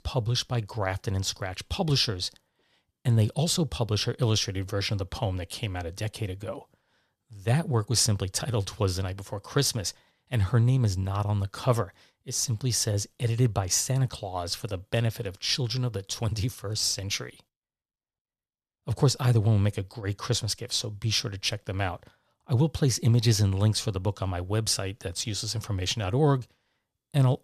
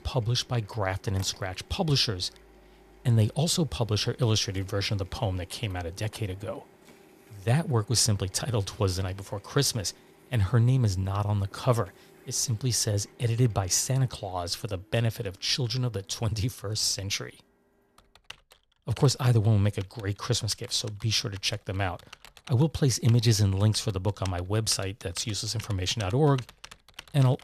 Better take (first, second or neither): first